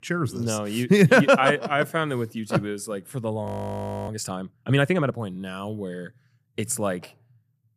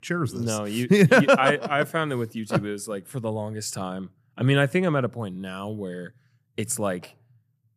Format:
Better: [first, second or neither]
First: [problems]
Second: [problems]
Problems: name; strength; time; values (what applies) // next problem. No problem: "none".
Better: second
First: audio freezing; at 3.5 s for 0.5 s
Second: none